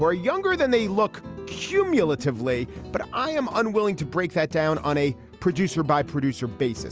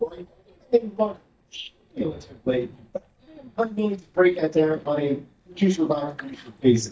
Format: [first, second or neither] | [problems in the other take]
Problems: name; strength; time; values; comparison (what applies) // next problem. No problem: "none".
first | noise reduction (neural mask model DeepFilterNet 3)